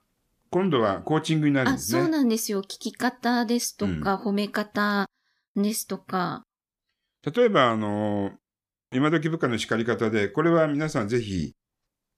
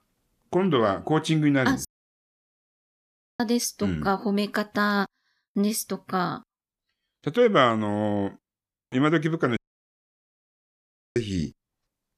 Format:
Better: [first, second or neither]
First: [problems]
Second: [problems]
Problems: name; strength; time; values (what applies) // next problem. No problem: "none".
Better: first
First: none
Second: audio cutting out; at 2 s for 1.5 s and at 9.5 s for 1.5 s